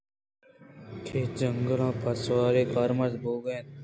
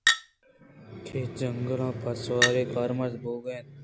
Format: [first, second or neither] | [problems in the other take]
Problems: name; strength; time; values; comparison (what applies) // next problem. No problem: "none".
first | background sound (Chink, clink); 2 dB below the speech